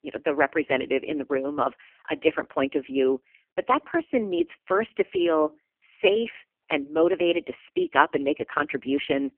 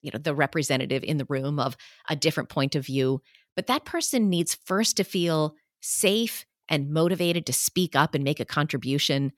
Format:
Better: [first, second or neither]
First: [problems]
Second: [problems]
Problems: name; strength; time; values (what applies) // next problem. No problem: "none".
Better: second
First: phone-call audio; poor line; nothing above 3 kHz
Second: none